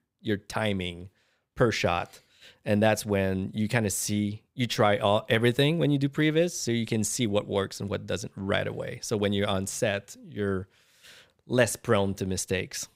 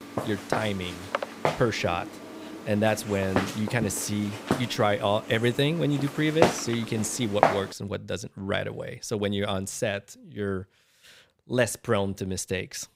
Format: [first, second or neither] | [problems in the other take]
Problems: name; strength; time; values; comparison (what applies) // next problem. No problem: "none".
first | footsteps; loud; until 7.5 s; peak 4 dB above the speech